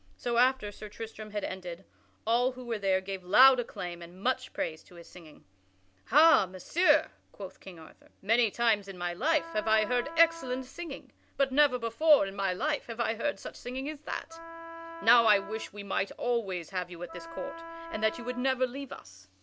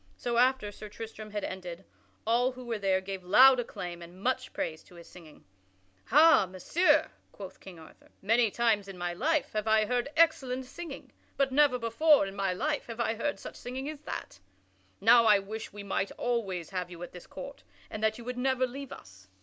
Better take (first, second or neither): second